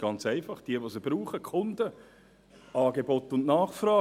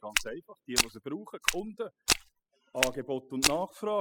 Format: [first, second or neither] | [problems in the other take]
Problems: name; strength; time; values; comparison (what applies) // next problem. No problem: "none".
first | noise reduction (classical method spectral subtraction)